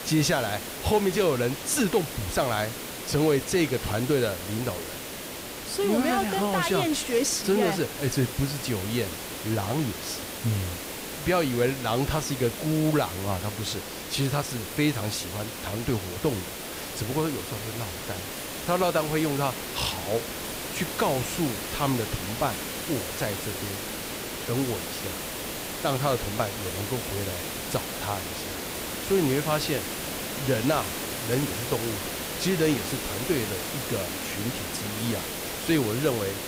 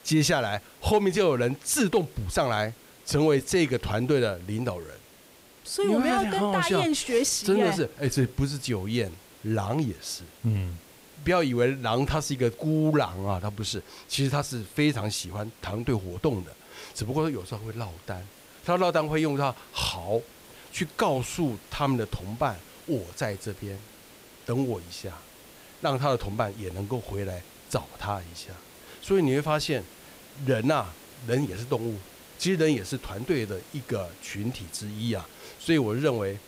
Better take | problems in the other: second | hiss; loud; throughout; 5 dB below the speech; faint in the second

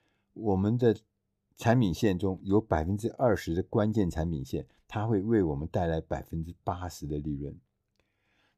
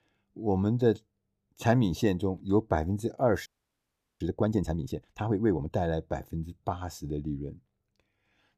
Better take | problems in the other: first | audio freezing; at 3.5 s for 0.5 s

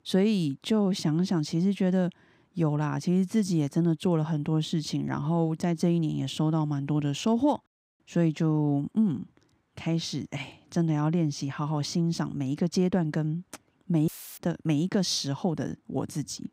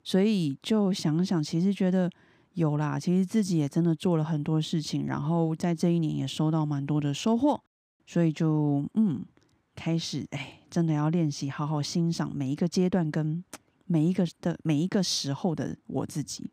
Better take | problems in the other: second | audio cutting out; filled with static; at 14 s

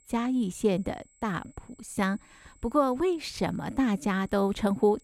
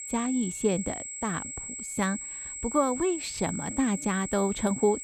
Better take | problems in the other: first | high-pitched whine; loud; throughout; 7.5 kHz, 6 dB below the speech; faint in the first

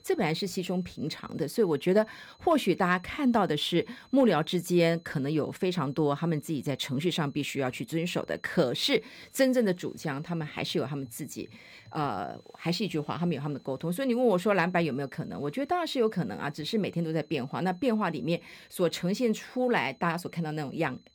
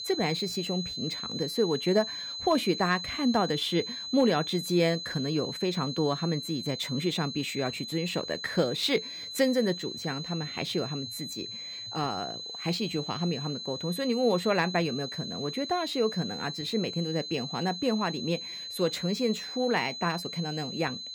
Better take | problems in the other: first | high-pitched whine; loud; throughout; 4 kHz, 6 dB below the speech; faint in the first

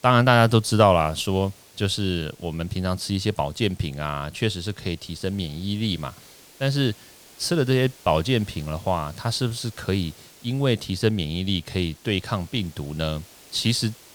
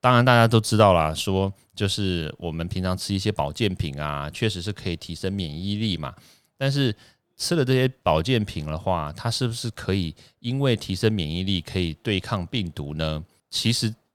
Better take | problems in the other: second | hiss; faint; throughout; 25 dB below the speech

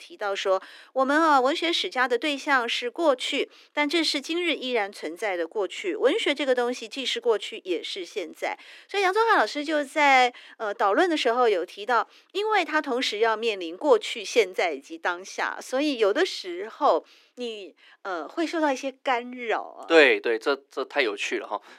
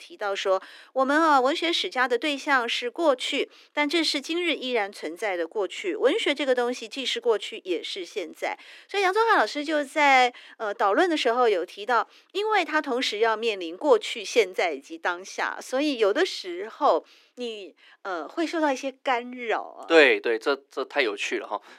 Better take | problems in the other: neither | thin; somewhat; fading below 300 Hz; the same in both

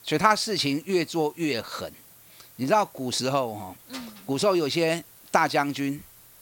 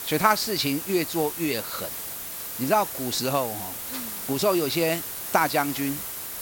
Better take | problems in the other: first | hiss; loud; throughout; 6 dB below the speech; faint in the first

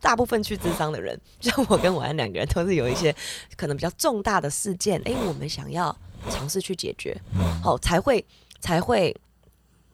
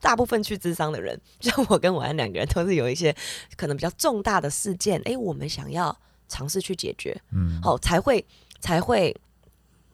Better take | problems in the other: second | hiss; noticeable; until 4 s and from 5 to 8 s; 10 dB below the speech

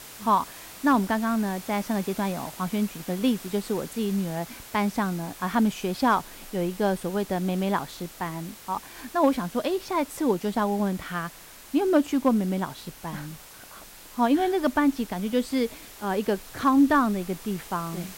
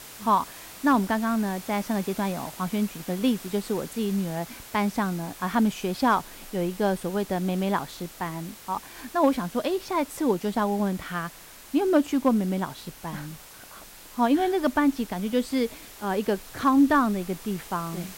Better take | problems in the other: neither | hiss; noticeable; throughout; 15 dB below the speech; the same in both

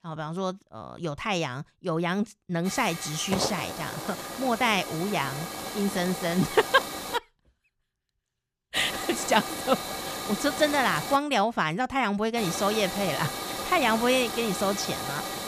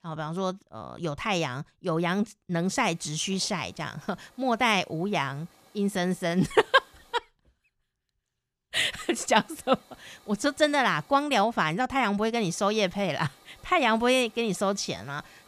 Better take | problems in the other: second | hiss; loud; from 2.5 to 7 s, from 9 to 11 s and from 12 s on; 6 dB below the speech; faint in the second

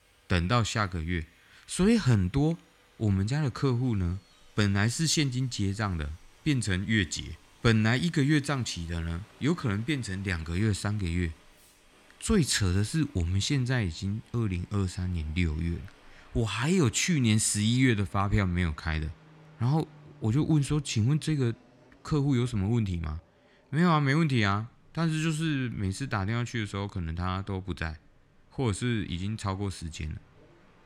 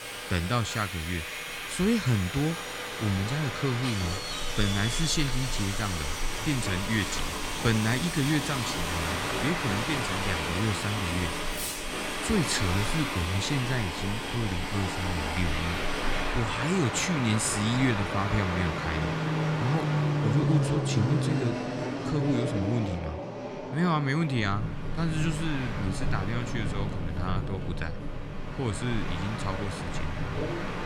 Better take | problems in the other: first | train or aircraft noise; loud; throughout; 1 dB below the speech; faint in the first

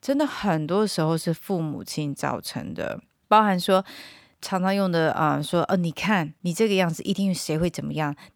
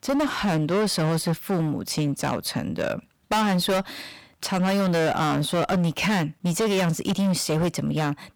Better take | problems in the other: first | distortion; heavy; 22% of the sound clipped

